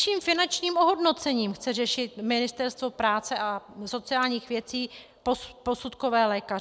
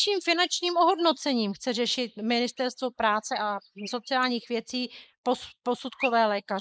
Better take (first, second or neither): first